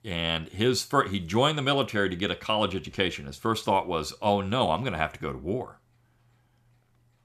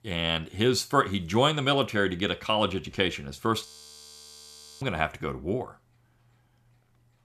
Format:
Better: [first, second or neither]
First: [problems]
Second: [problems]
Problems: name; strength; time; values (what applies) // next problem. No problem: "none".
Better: first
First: none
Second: audio freezing; at 3.5 s for 1 s